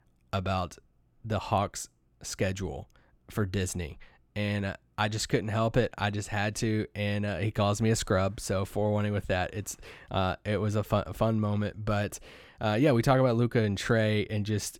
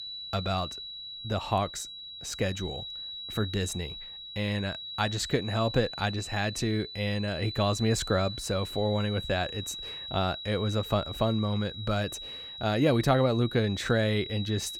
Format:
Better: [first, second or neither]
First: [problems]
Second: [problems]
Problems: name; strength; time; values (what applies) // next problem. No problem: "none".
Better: first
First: none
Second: high-pitched whine; loud; throughout; 4 kHz, 8 dB below the speech